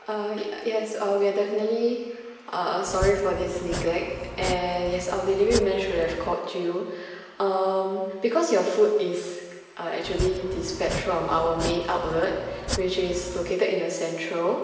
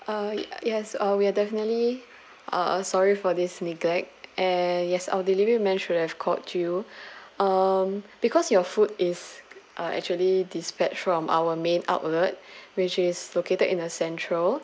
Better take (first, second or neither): second